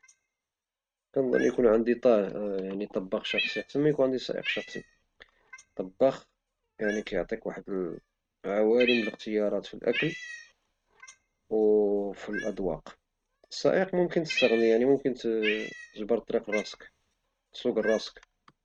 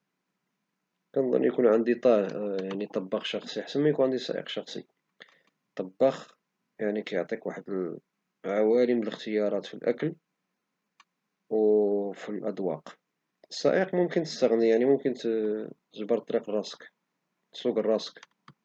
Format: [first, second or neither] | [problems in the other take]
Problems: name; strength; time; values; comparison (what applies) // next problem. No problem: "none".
second | noise reduction (neural mask model RNNoise)